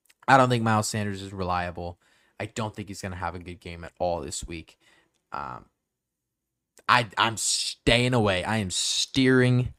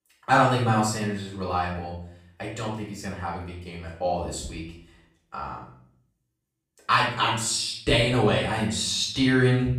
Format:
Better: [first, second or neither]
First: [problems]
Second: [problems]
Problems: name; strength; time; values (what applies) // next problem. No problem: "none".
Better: first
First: none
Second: off-mic speech; far // room echo; noticeable; dies away in 0.5 s